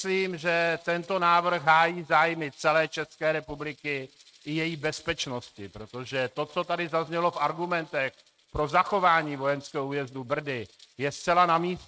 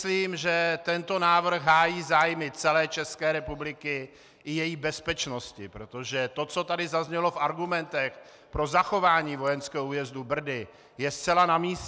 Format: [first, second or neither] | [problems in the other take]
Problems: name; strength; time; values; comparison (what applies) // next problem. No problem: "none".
second | noise reduction (neural mask model RNNoise)